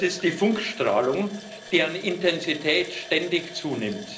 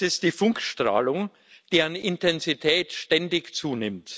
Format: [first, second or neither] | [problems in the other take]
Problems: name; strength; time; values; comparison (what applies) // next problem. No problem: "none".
second | background sound (Water tap, faucet); 17 dB below the speech // room echo; dies away in 0.5 s